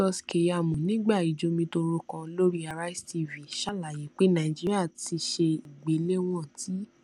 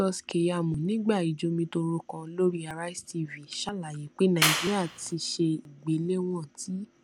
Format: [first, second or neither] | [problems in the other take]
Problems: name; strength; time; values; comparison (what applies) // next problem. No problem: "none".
first | background sound (Clapping); 1 dB above the speech